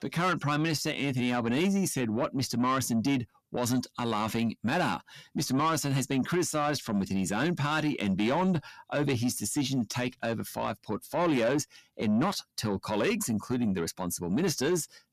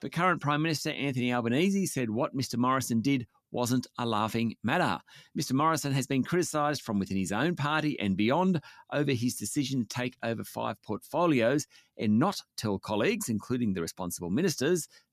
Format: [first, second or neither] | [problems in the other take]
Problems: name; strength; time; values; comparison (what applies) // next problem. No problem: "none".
second | distortion; slight; 10 dB below the speech